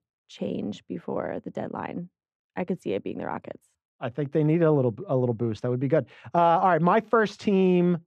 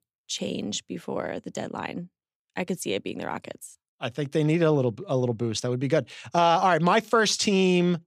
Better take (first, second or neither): second